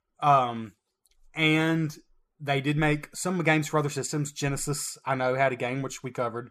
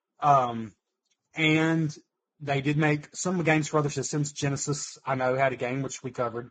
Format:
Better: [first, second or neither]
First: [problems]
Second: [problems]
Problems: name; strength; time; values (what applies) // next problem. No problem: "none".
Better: first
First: none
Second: garbled, watery; badly; nothing above 7.5 kHz